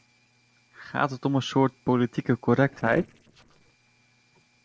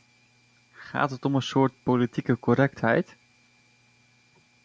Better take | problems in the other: second | noise reduction (neural separator model SepFormer DNS4)

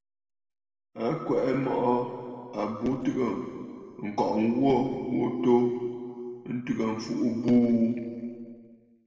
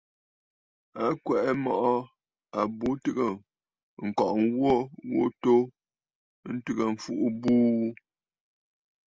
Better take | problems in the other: second | room echo; dies away in 2.2 s

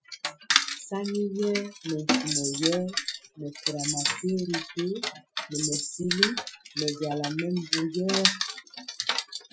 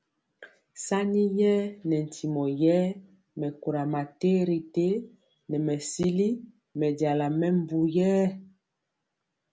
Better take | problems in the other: second | noise reduction (classical method Wiener filter)

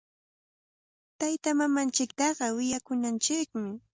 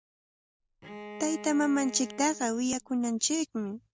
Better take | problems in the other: first | background sound (Bowed string instrument); 15 dB below the speech

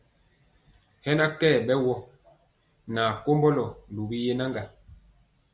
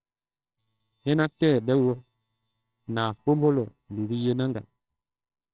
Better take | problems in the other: first | noise reduction (neural separator model SepFormer WHAMR!)

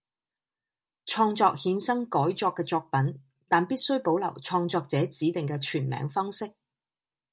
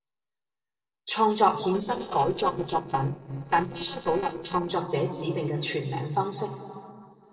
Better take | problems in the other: first | noise reduction (neural separator model SepFormer DNS4)

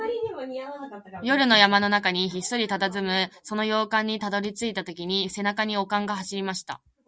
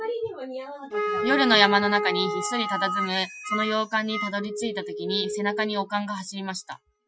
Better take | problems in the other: first | noise reduction (classical method Wiener filter)

